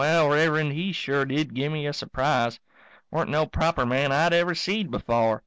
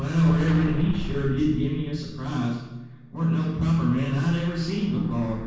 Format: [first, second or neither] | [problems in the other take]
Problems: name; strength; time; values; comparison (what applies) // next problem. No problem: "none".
first | background sound (Explosion); 12 dB below the speech // room echo; dies away in 1.2 s